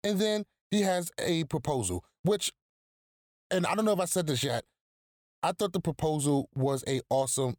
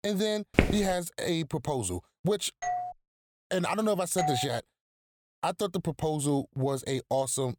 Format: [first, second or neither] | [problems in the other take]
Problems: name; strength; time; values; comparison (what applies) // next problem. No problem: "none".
first | footsteps; loud; at 0.5 s; peak 3 dB above the speech // doorbell; noticeable; at 2.5 s and at 4 s; peak 1 dB below the speech